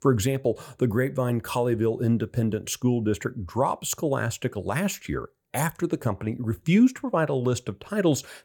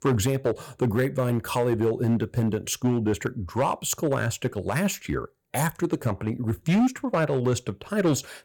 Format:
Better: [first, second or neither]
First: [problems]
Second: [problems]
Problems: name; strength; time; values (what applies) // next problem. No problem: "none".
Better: first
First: none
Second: distortion; slight; 6% of the sound clipped